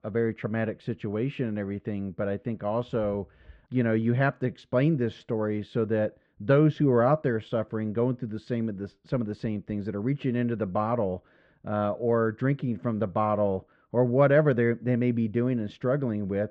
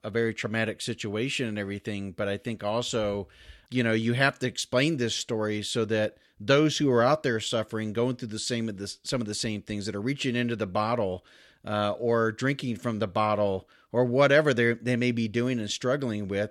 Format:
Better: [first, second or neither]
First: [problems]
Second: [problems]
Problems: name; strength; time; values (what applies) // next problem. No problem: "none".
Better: second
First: muffled; very; fading above 1.5 kHz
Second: none